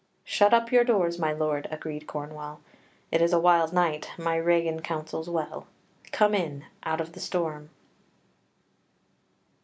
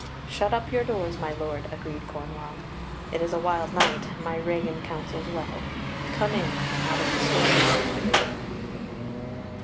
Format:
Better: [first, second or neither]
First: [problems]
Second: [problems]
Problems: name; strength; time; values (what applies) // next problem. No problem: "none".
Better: first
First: none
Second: background sound (Clapping + Engine); 3 dB above the speech